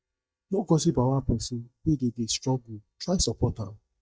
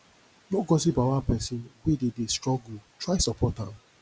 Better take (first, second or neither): second